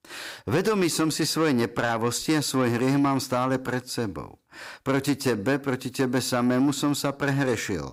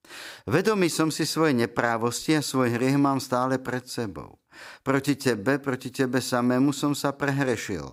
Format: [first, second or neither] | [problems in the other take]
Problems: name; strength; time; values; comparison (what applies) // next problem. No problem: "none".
second | distortion; slight; 10 dB below the speech